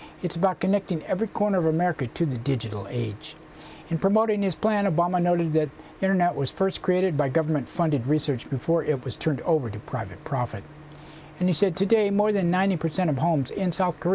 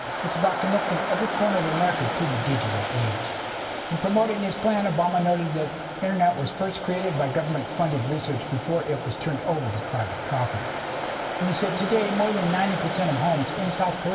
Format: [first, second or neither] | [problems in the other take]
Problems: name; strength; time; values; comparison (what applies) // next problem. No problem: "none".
first | background sound (Waves, surf); 5 dB below the speech // room echo; dies away in 1.9 s